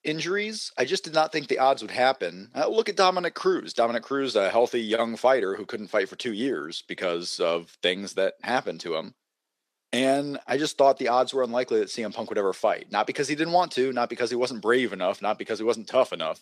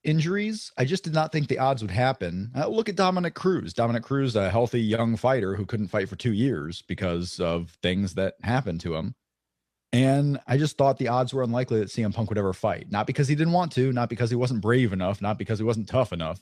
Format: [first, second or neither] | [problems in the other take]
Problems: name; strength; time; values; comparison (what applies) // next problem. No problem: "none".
second | thin; somewhat; fading below 350 Hz